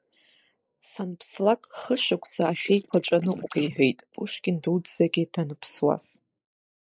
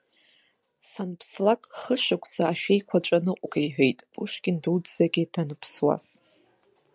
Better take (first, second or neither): second